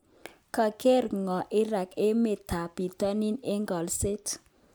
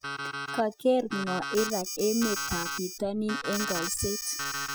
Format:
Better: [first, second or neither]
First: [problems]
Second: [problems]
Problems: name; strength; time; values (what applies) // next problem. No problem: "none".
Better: first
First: none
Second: noise reduction (classical method spectral subtraction)